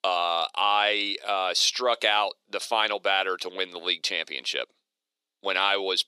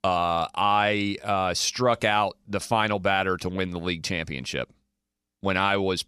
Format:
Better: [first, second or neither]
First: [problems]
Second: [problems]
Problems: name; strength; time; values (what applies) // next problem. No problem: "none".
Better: second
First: thin; very; fading below 350 Hz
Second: none